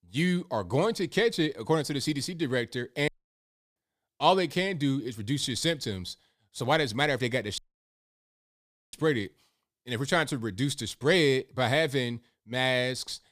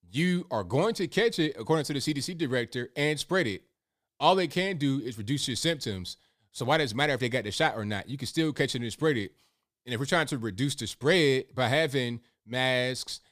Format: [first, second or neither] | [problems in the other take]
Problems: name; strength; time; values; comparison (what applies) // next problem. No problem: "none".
second | audio cutting out; at 3 s for 0.5 s and at 7.5 s for 1.5 s